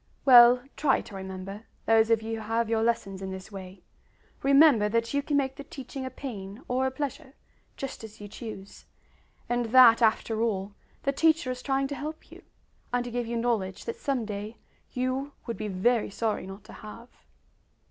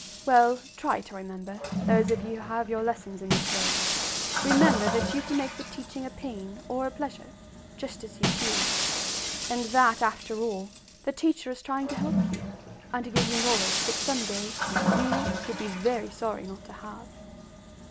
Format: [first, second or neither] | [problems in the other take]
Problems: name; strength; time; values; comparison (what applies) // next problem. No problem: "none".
first | background sound (Toilet flush + Shatter); 1 dB below the speech